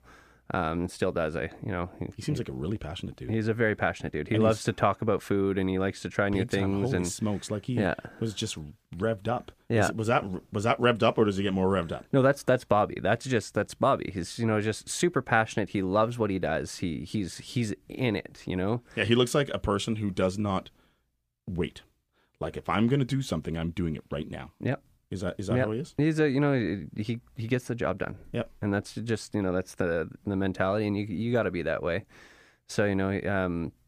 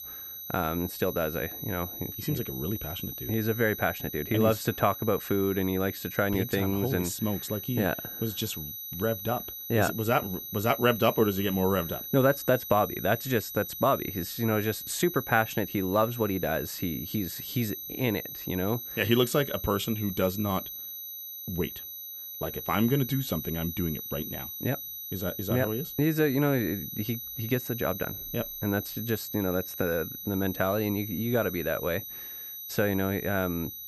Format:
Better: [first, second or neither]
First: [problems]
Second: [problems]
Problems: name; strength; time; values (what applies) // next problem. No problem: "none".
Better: first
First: none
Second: high-pitched whine; loud; throughout; 12 kHz, 7 dB below the speech